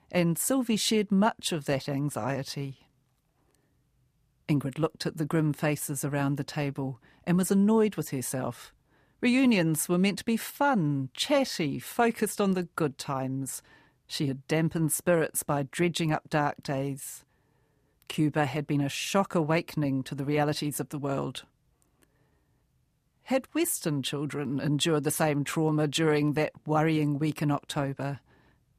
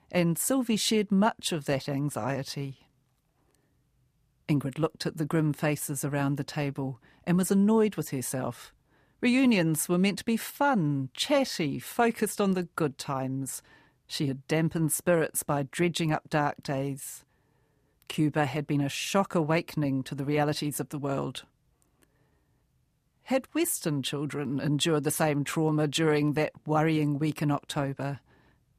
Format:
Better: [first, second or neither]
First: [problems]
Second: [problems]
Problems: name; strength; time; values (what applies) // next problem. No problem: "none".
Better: neither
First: none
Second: none